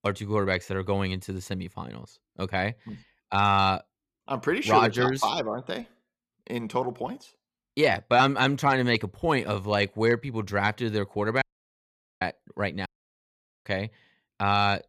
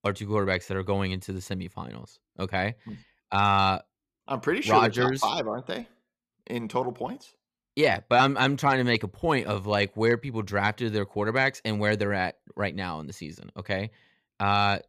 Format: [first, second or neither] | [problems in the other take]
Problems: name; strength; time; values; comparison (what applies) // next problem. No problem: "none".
second | audio cutting out; at 11 s for 1 s and at 13 s for 1 s